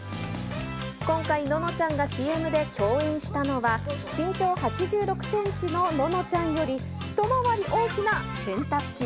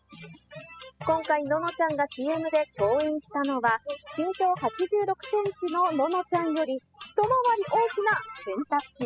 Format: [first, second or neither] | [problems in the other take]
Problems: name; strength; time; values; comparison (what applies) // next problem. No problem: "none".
first | noise reduction (classical method spectral subtraction)